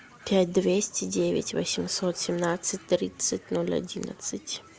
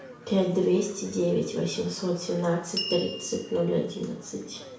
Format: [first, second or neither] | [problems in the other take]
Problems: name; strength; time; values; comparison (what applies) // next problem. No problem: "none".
first | background sound (Door / Bell); 14 dB below the speech // room echo; dies away in 0.6 s